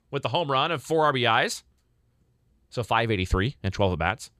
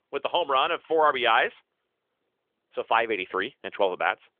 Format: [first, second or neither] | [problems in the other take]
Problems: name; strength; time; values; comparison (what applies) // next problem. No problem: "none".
first | phone-call audio; nothing above 3.5 kHz